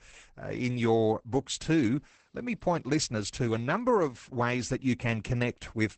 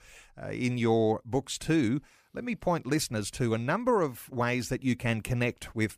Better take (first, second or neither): second